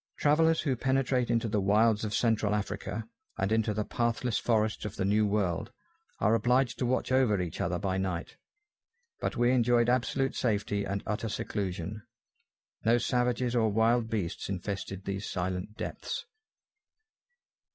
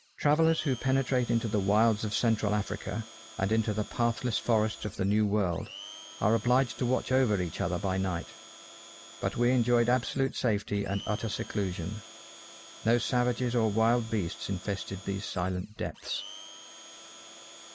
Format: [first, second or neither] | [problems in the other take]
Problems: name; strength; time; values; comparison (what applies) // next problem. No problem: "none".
first | background sound (Domestic sounds, home sounds); 19 dB below the speech